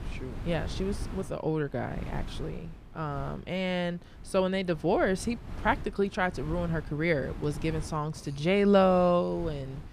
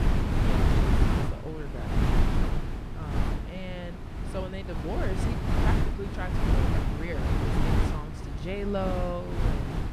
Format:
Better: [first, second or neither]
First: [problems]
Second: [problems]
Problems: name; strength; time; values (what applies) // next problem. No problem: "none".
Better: first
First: wind noise on the microphone; occasional gusts; 20 dB below the speech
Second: wind noise on the microphone; heavy; 3 dB above the speech